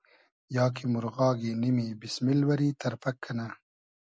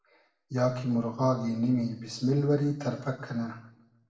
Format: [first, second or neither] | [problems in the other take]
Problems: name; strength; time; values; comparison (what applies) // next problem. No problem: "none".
first | room echo; dies away in 0.6 s